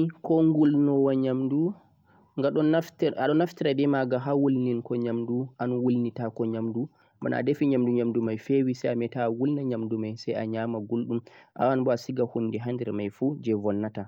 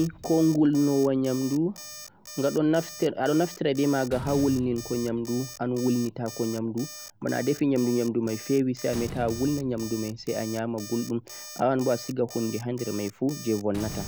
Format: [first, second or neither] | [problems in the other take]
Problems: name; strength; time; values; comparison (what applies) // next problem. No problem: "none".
first | background sound (Alarm + Slam); 15 dB below the speech